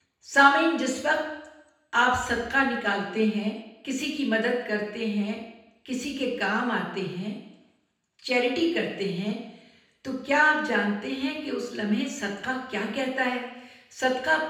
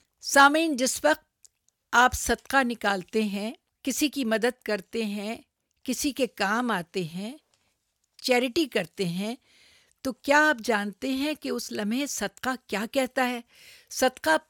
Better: second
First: room echo; noticeable; dies away in 0.9 s // off-mic speech; far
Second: none

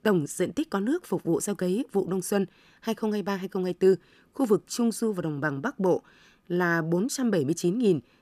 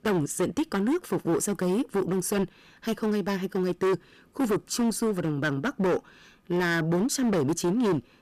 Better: first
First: none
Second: distortion; heavy; 16% of the sound clipped

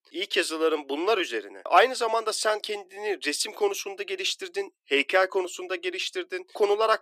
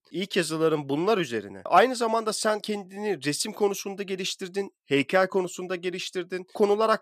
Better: second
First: thin; somewhat; fading below 300 Hz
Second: none

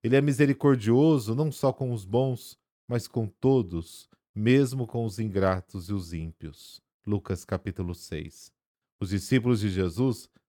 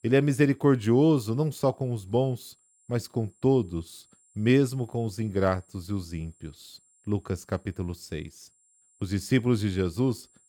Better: first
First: none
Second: high-pitched whine; faint; throughout; 7.5 kHz, 35 dB below the speech

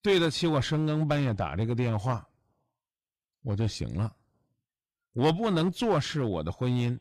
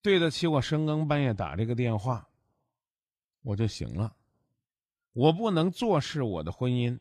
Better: second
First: distortion; slight; 5% of the sound clipped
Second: none

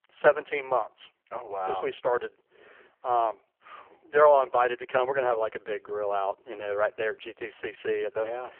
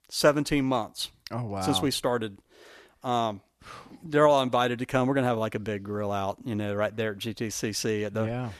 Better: second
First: phone-call audio; poor line; nothing above 3 kHz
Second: none

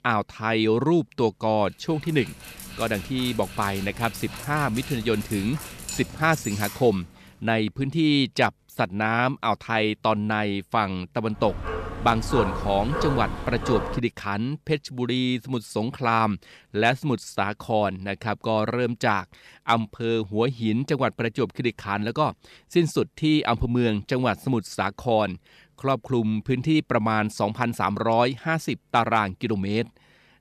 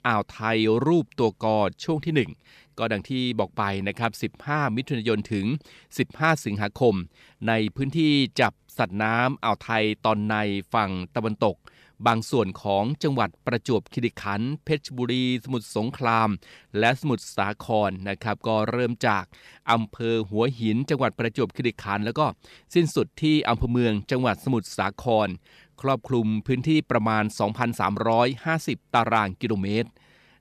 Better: second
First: dog barking; noticeable; from 2 to 7.5 s and from 11 to 14 s; peak 3 dB below the speech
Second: none

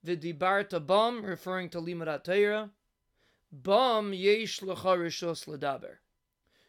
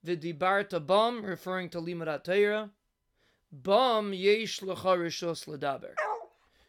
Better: first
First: none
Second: dog barking; noticeable; at 6 s; peak 5 dB below the speech

